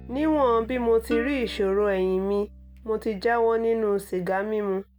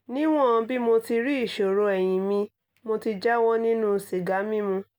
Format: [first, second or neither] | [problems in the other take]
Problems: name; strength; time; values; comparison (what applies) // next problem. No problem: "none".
second | background sound (Plucked string instrument + Bass guitar); 16 dB below the speech